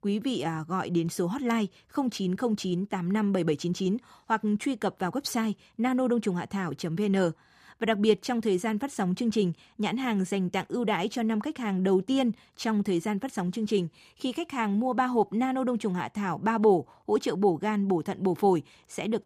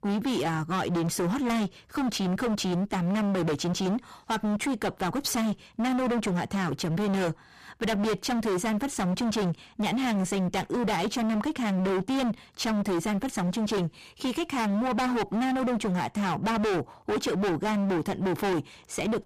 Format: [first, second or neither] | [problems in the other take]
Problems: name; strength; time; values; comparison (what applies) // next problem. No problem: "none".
first | distortion; heavy; 37% of the sound clipped